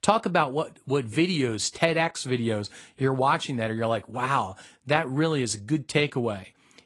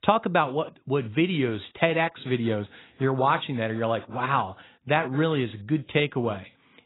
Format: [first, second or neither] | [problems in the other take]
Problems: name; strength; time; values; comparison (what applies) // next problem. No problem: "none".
first | garbled, watery; badly; nothing above 4 kHz; slightly in the first